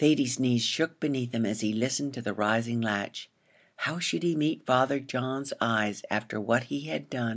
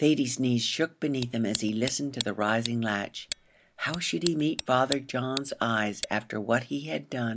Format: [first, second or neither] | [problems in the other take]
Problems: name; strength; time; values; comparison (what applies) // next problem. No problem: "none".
first | background sound (Tick); 12 dB below the speech